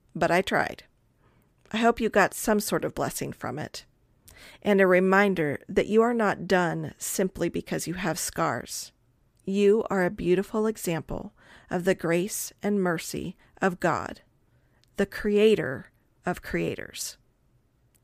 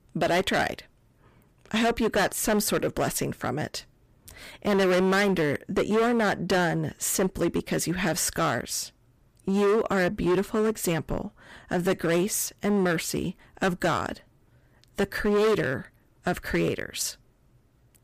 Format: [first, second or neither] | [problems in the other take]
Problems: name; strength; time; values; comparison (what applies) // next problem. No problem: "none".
first | distortion; heavy; 11% of the sound clipped